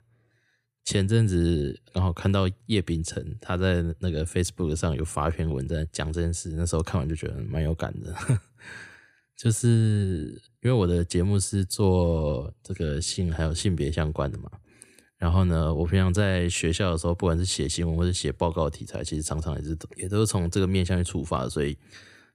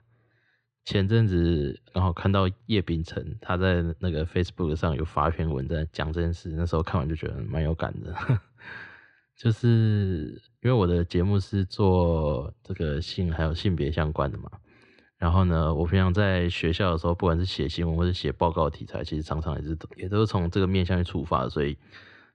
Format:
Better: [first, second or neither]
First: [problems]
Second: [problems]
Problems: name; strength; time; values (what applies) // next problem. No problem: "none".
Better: first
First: none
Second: muffled; slightly; fading above 4 kHz